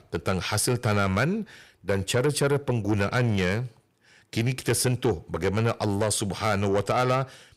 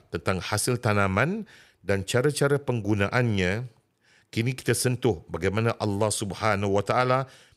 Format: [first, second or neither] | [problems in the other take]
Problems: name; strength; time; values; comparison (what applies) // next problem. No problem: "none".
second | distortion; slight; 10 dB below the speech